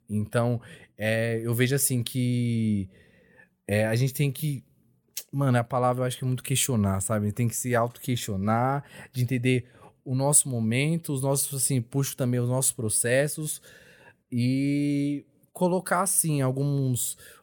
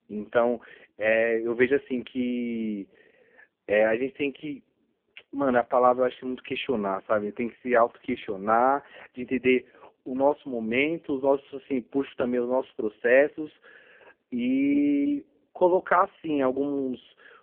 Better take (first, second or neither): first